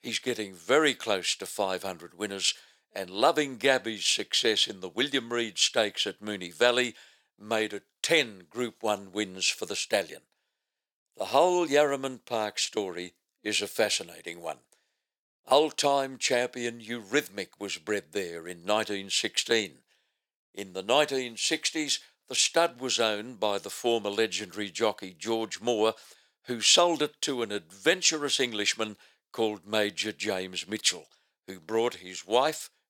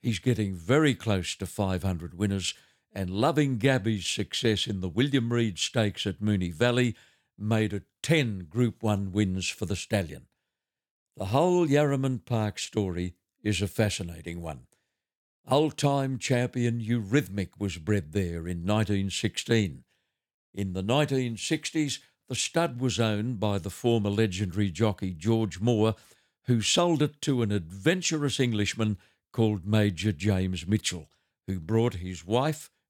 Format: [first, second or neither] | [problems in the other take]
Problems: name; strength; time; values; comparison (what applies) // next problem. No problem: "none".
second | thin; very; fading below 550 Hz